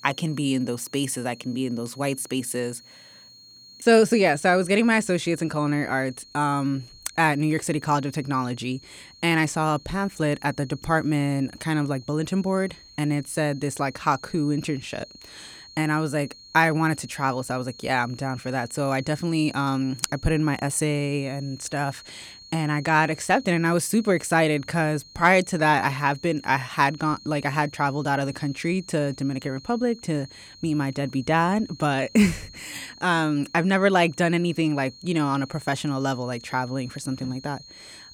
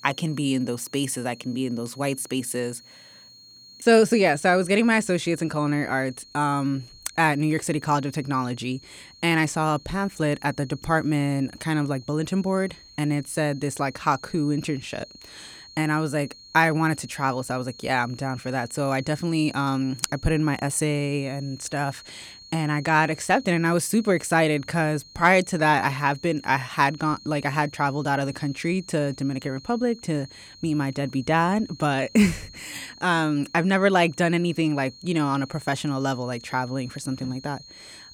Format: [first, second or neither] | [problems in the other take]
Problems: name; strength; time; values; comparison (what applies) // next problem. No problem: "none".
neither | high-pitched whine; faint; throughout; 4 kHz, 20 dB below the speech; the same in both